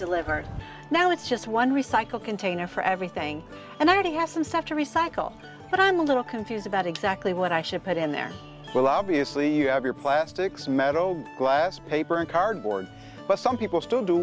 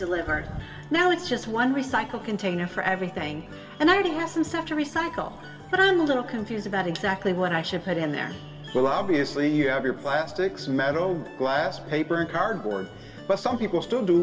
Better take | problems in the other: first | room echo; dies away in 1.6 s

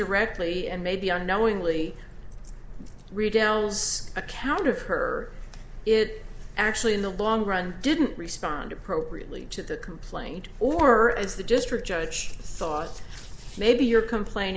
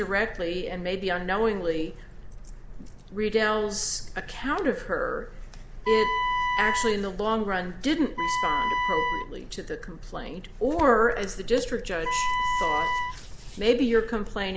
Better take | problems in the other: first | background sound (Wind instrument, woodwind instrument); 1 dB below the speech

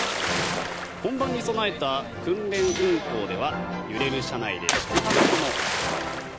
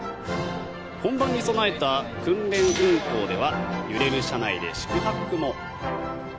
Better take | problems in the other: second | background sound (Splash, splatter); 2 dB below the speech

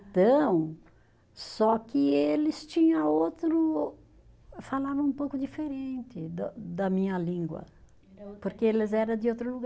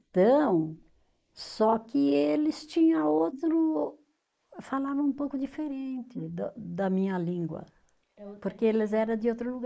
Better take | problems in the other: first | noise reduction (neural mask model Resemble Enhance denoiser)

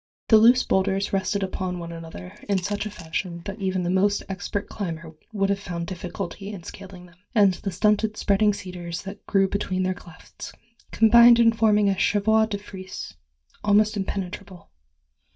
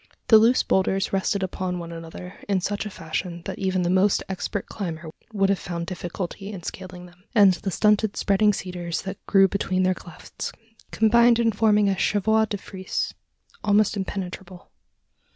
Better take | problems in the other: second | noise reduction (neural mask model DeepFilterNet 3)

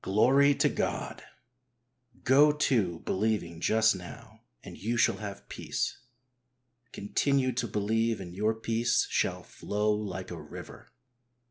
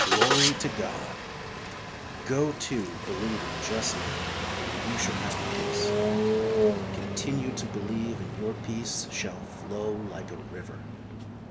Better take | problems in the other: first | background sound (Engine starting); 3 dB above the speech

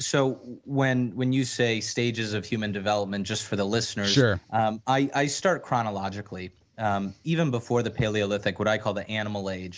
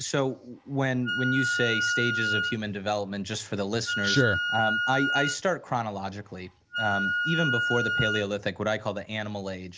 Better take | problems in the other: first | background sound (Wind instrument, woodwind instrument); 1 dB below the speech

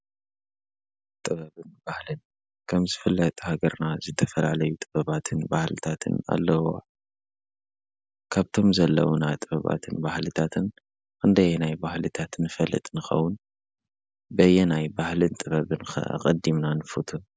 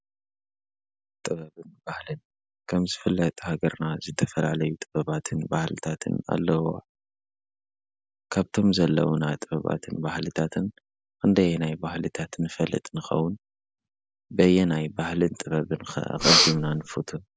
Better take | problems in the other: first | background sound (Breathing); 4 dB above the speech

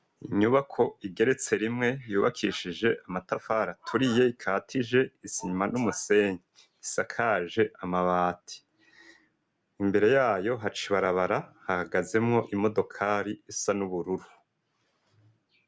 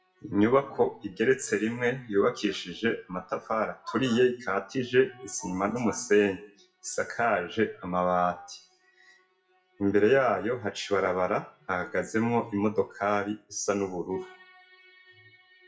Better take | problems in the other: first | noise reduction (classical method WPE with log-MMSE)

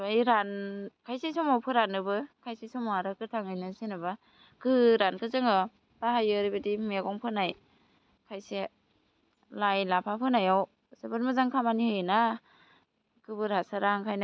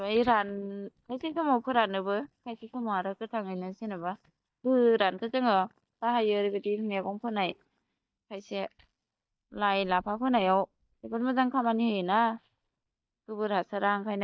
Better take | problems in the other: first | noise reduction (neural mask model DeepFilterNet 3)

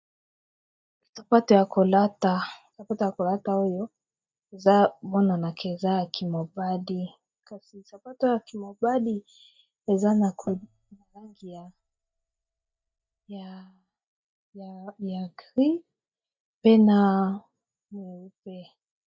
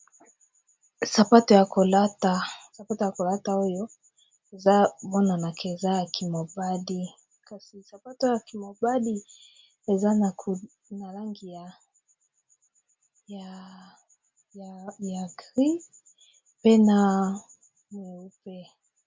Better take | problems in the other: second | noise reduction (neural mask model DeepFilterNet 3)

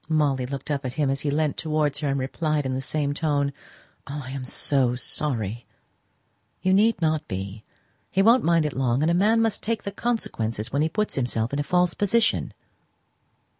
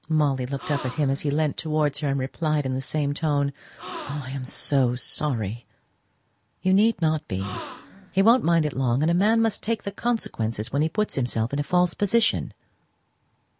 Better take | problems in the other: first | background sound (Gasp); 14 dB below the speech

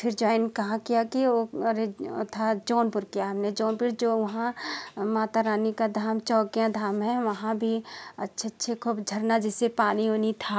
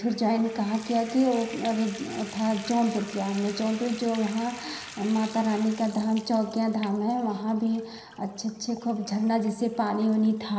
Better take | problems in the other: first | background sound (Bathtub (filling or washing) / Water tap, faucet); 18 dB below the speech // room echo; dies away in 0.9 s

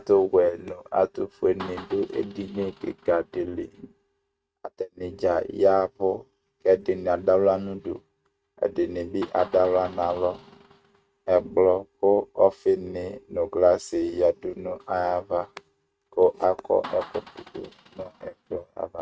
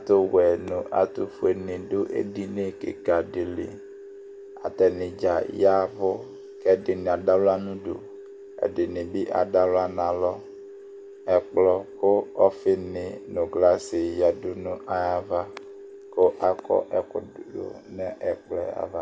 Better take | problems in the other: second | noise reduction (neural mask model RNNoise)

